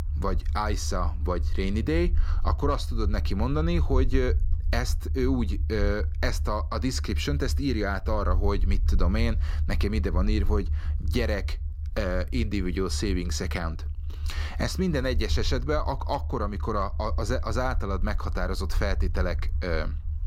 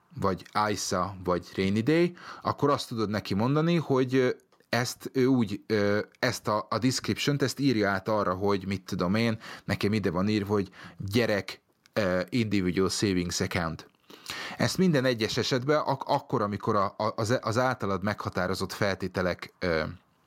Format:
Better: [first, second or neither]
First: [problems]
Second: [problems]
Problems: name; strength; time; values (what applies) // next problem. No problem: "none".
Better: second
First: low rumble; noticeable; throughout; 20 dB below the speech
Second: none